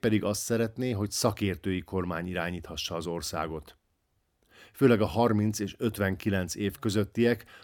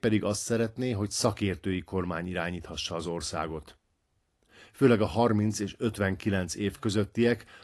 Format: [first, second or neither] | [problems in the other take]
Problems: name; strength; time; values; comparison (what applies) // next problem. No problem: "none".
first | garbled, watery; slightly; nothing above 11.5 kHz